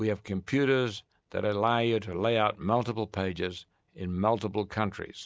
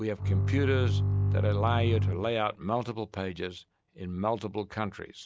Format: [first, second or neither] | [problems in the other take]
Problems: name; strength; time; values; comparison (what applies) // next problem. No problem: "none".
first | background sound (Bowed string instrument); 5 dB above the speech